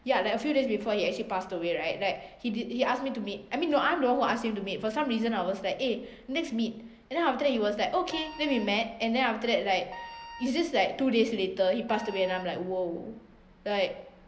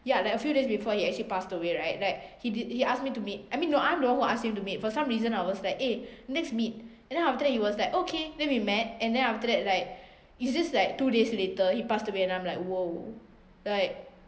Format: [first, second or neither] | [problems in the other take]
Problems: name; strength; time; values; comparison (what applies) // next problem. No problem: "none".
second | background sound (Wind instrument, woodwind instrument); 17 dB below the speech